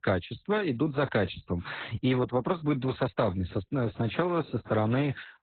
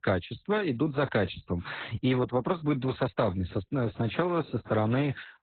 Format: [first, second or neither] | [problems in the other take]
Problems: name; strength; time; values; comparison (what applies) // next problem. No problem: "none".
neither | garbled, watery; badly; nothing above 4 kHz; the same in both